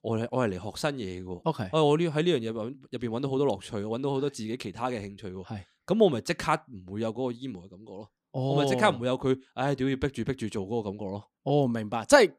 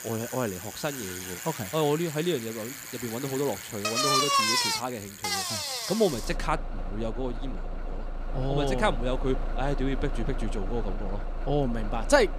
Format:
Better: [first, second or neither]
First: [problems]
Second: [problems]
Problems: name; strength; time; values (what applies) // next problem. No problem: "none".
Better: first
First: none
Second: traffic noise; loud; throughout; 1 dB below the speech